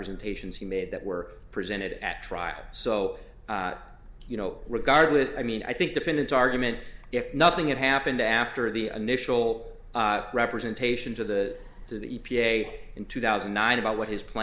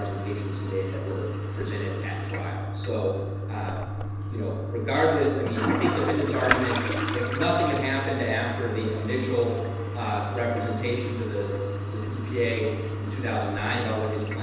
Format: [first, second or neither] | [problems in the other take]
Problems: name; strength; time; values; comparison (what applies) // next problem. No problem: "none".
first | background sound (Toilet flush); 1 dB below the speech // room echo; dies away in 1.1 s